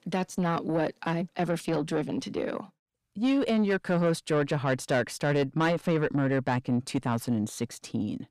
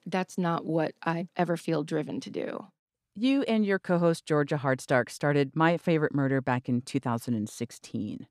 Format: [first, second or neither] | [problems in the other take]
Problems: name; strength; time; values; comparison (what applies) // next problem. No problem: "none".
second | distortion; slight; 10 dB below the speech